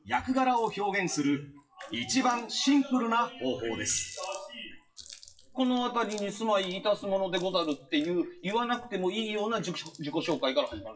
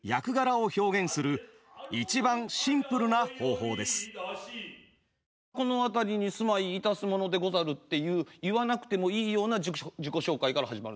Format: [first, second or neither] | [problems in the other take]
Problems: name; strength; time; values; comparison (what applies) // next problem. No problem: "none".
second | noise reduction (classical method WPE with log-MMSE)